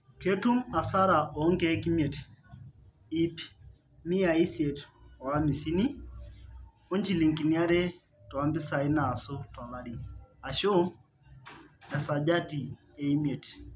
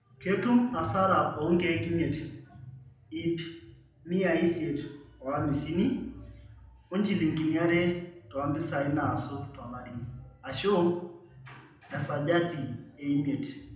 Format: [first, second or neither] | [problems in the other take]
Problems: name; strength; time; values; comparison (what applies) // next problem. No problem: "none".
first | room echo; dies away in 0.7 s